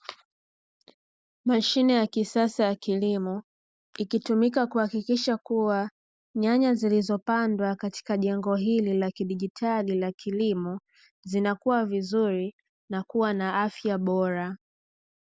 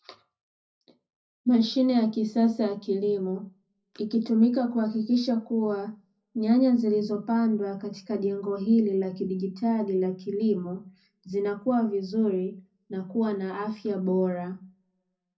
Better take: first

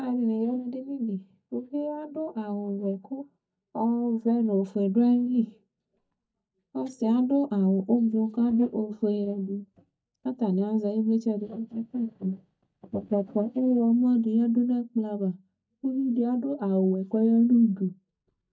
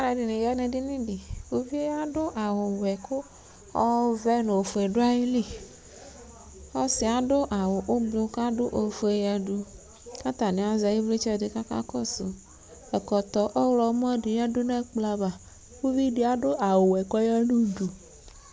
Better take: second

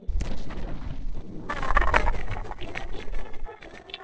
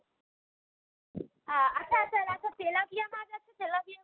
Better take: second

